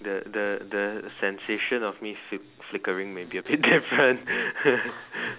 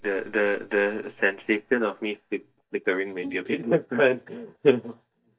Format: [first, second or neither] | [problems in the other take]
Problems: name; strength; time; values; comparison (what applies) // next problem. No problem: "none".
first | noise reduction (neural mask model DeepFilterNet 3)